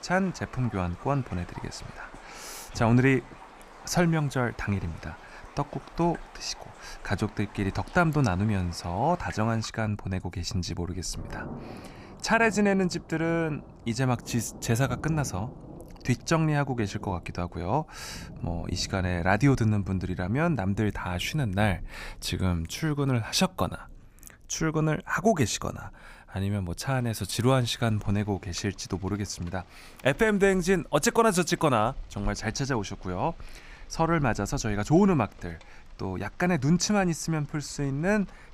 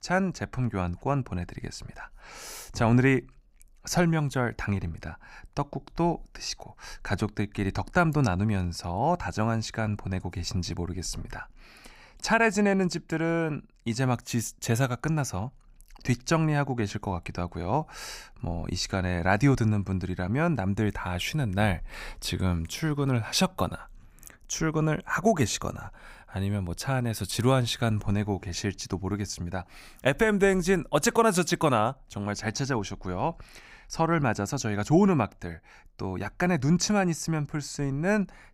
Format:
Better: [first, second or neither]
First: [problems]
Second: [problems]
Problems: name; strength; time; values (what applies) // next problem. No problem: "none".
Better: second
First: rain or running water; noticeable; throughout; 20 dB below the speech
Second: none